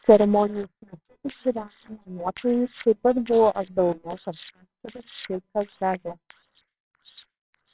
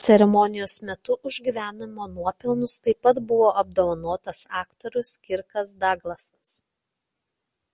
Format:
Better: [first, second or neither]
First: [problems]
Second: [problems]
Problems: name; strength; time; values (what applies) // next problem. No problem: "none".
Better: second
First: noise reduction (neural separator model SepFormer WHAMR!)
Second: none